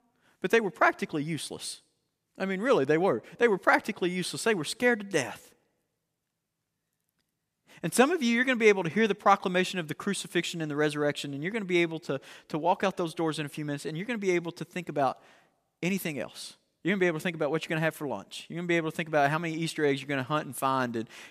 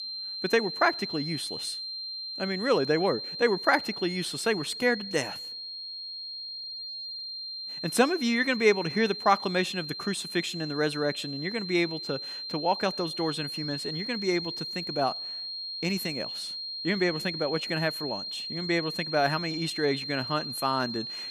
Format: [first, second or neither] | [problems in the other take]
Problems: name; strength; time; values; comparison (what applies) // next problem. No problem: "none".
first | high-pitched whine; loud; throughout; 4 kHz, 6 dB below the speech